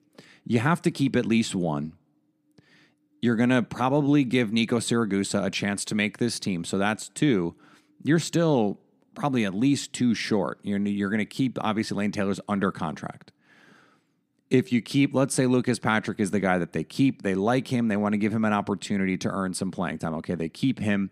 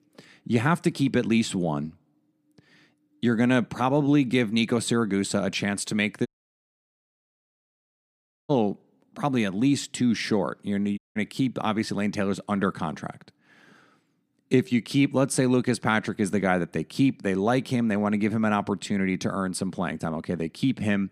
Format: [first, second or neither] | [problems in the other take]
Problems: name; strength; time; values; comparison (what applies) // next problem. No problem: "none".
first | audio cutting out; at 6.5 s for 2 s and at 11 s